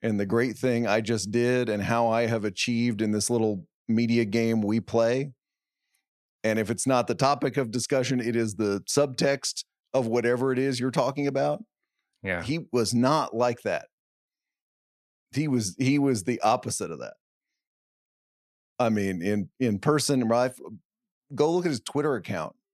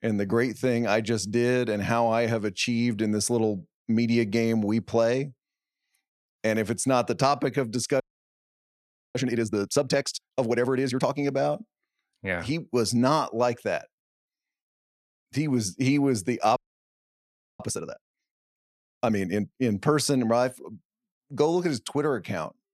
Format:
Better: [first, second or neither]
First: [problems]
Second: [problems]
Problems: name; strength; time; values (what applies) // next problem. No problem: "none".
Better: first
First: none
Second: audio freezing; at 8 s for 1 s and at 17 s for 1 s